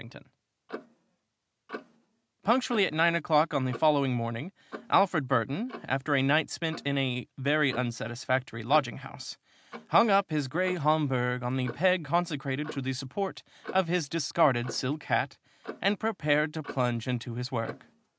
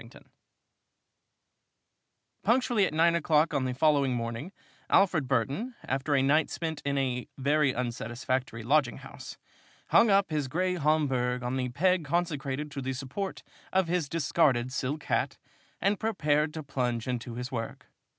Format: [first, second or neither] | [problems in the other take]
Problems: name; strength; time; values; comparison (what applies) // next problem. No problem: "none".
second | background sound (Clock); 18 dB below the speech